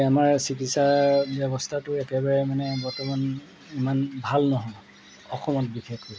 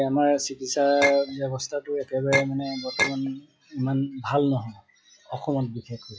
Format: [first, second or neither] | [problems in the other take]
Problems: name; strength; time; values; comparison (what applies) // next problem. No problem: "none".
first | noise reduction (classical method log-MMSE)